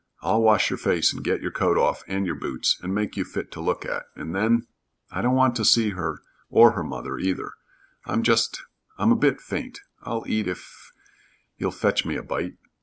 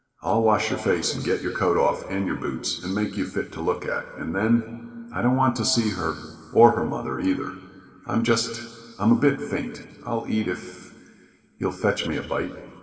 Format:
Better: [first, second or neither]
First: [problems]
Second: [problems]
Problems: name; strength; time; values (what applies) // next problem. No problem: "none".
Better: first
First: none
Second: room echo; dies away in 2 s